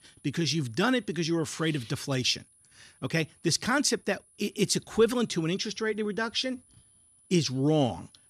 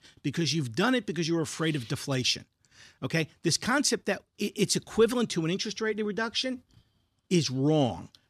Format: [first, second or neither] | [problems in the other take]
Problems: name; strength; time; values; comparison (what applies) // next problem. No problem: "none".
second | high-pitched whine; faint; throughout; 9.5 kHz, 30 dB below the speech